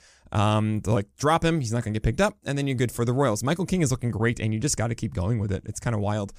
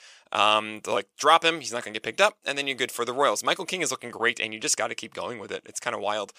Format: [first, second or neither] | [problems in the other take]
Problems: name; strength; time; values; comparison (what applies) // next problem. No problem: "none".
first | thin; very; fading below 550 Hz